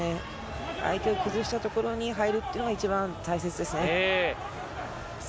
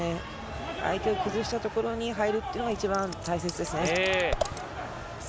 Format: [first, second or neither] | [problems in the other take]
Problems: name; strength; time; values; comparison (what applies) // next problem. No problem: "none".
first | background sound (Scissors); 8 dB below the speech